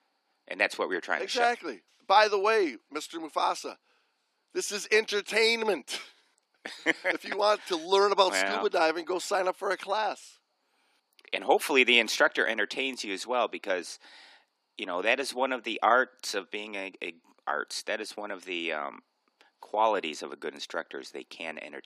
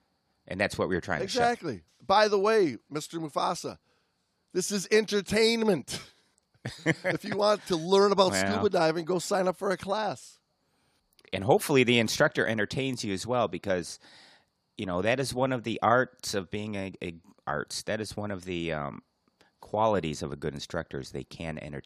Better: second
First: thin; somewhat; fading below 250 Hz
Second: none

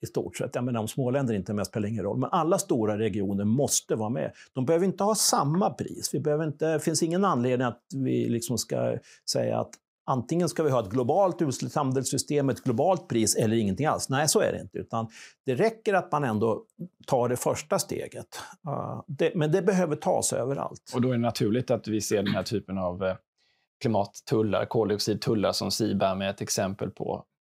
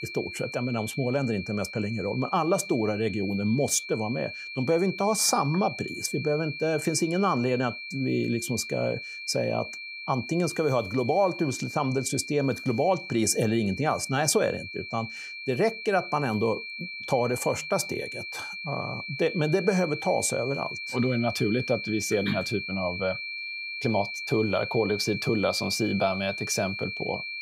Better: first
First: none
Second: high-pitched whine; loud; throughout; 2.5 kHz, 7 dB below the speech

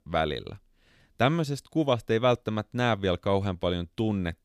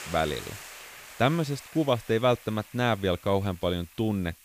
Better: first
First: none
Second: hiss; noticeable; throughout; 15 dB below the speech

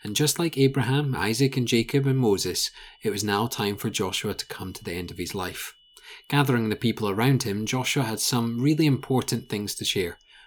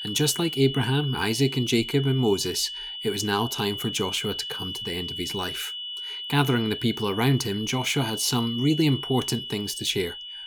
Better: first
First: high-pitched whine; faint; throughout; 3 kHz, 30 dB below the speech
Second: high-pitched whine; loud; throughout; 3 kHz, 7 dB below the speech

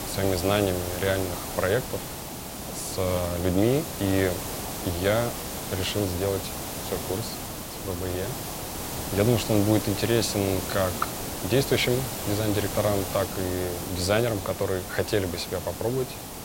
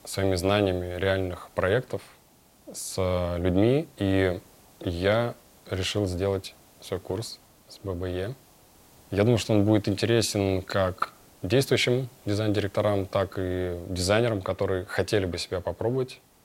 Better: second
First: hiss; loud; throughout; 6 dB below the speech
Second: hiss; faint; throughout; 30 dB below the speech

